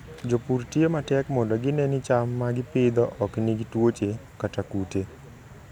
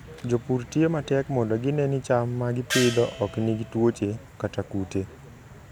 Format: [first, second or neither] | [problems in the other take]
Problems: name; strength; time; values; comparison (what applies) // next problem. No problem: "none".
first | background sound (Gong); 8 dB below the speech